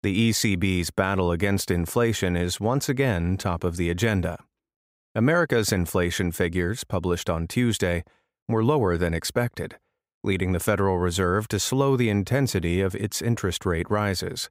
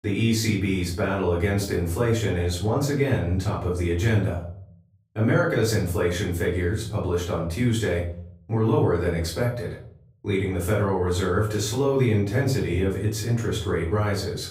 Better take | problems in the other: first | off-mic speech; far // room echo; slight; dies away in 0.5 s

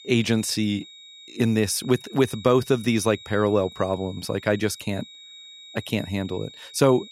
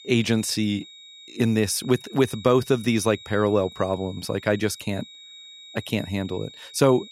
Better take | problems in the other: neither | high-pitched whine; noticeable; throughout; 4 kHz, 20 dB below the speech; the same in both

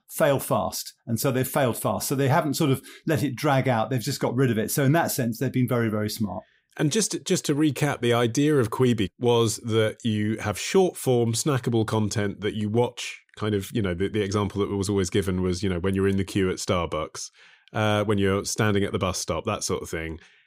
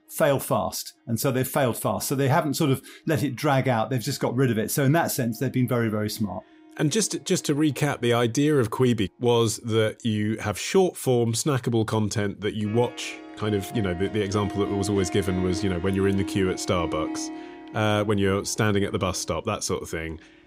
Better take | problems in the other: first | background music; noticeable; throughout; 10 dB below the speech

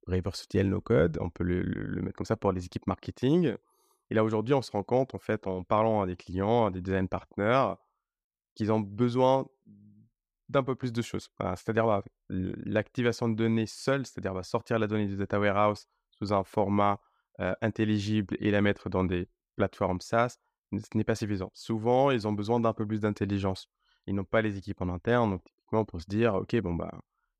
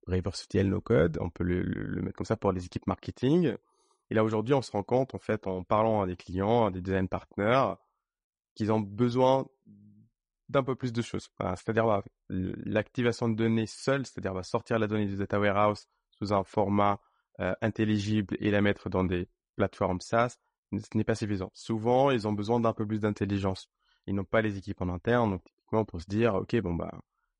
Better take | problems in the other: first | garbled, watery; slightly; nothing above 10.5 kHz

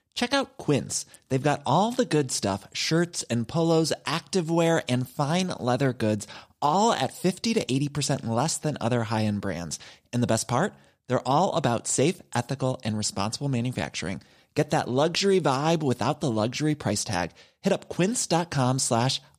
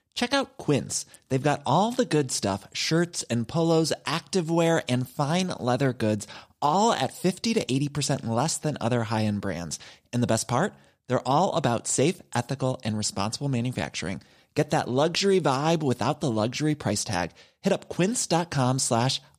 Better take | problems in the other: neither | none

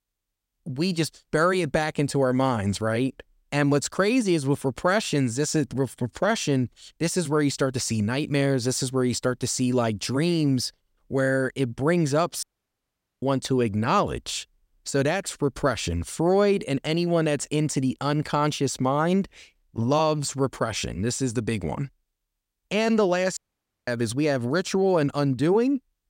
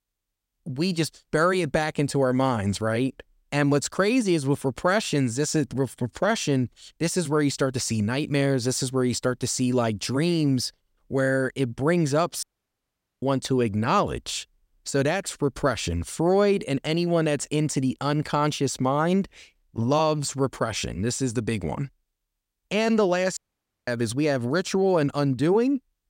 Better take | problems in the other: neither | audio cutting out; at 12 s for 1 s and at 23 s for 0.5 s; the same in both

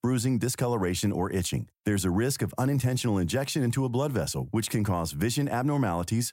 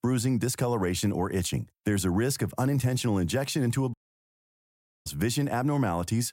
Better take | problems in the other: first | audio cutting out; at 4 s for 1 s

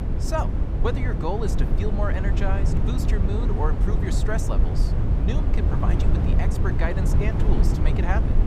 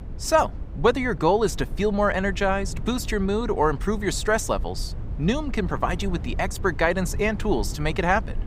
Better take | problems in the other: second | low rumble; loud; throughout; 3 dB below the speech; faint in the second

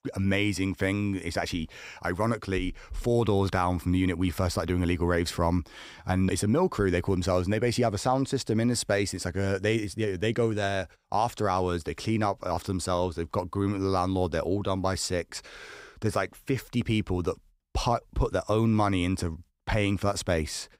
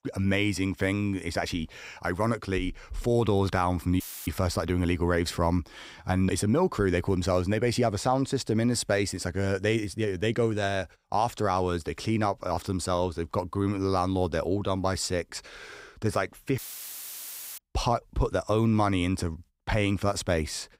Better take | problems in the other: first | audio cutting out; filled with static; at 4 s and at 17 s for 1 s

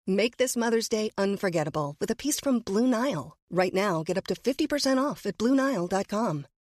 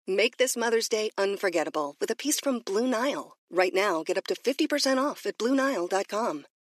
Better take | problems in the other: first | thin; very slightly; fading below 300 Hz

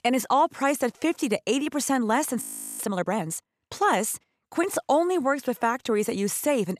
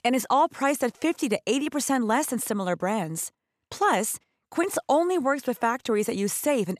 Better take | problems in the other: second | audio freezing; at 2.5 s

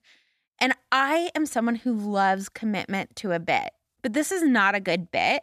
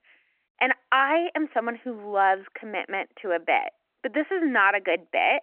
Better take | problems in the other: first | phone-call audio

